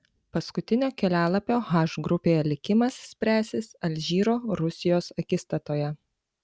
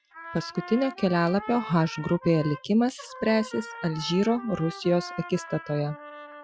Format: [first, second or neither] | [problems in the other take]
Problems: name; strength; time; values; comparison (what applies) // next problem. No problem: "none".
first | noise reduction (classical method Wiener filter)